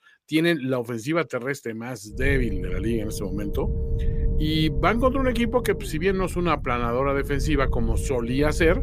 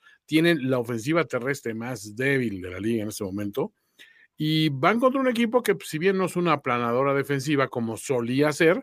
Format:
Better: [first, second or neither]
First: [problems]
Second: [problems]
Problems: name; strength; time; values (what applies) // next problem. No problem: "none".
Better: second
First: low rumble; noticeable; from 2 s on; 15 dB below the speech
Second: none